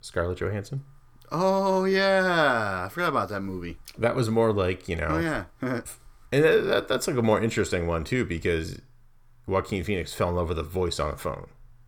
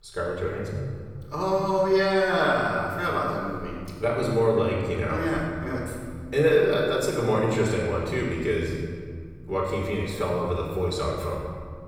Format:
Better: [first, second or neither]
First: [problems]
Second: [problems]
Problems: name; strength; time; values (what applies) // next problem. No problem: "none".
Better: first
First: none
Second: off-mic speech; far // room echo; noticeable; dies away in 1.7 s